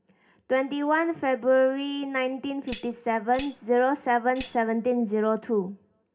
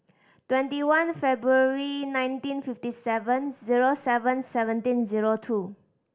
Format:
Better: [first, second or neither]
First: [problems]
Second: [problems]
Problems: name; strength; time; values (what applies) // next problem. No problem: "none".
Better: second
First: background sound (Tambourine); 19 dB below the speech // room echo; dies away in 0.3 s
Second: none